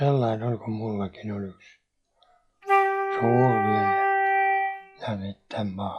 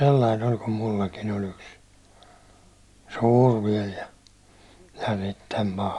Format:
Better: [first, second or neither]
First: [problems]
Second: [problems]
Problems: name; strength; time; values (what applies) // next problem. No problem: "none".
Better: second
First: noise reduction (classical method log-MMSE)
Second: none